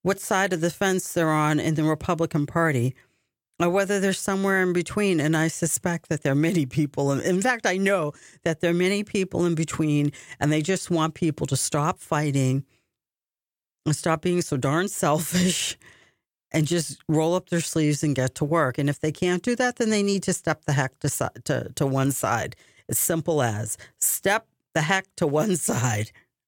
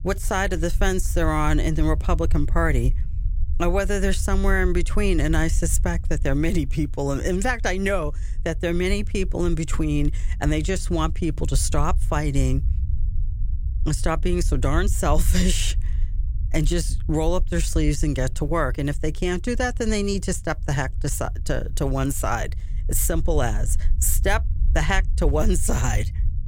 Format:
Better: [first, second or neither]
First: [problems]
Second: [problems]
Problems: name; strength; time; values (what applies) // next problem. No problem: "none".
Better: first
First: none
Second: low rumble; faint; throughout; 20 dB below the speech